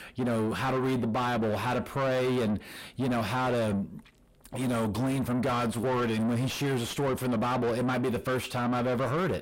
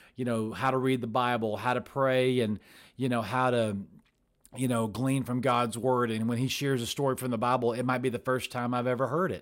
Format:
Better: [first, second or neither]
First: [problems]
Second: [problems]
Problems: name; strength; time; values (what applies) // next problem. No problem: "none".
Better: second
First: distortion; heavy; 6 dB below the speech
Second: none